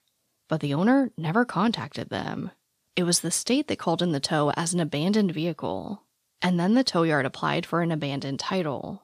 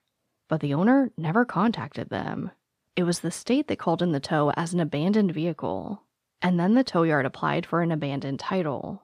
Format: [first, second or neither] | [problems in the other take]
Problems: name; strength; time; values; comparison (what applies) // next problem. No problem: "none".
first | muffled; slightly; fading above 3 kHz